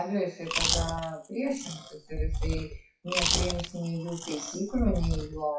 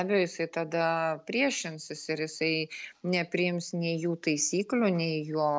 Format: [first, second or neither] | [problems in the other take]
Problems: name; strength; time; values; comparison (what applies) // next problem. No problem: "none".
second | noise reduction (classical method WPE with log-MMSE)